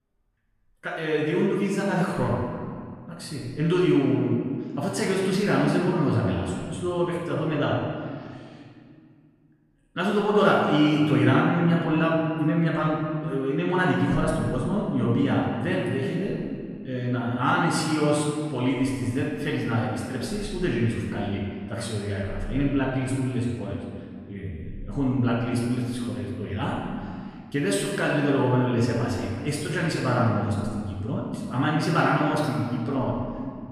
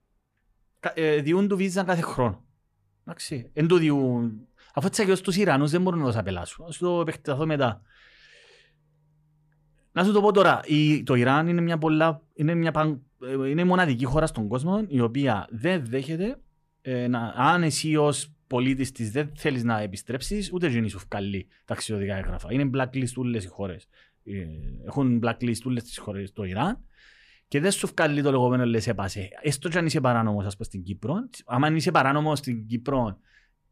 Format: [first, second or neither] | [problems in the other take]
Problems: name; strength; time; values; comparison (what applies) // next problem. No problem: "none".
second | off-mic speech; far // room echo; noticeable; dies away in 1.8 s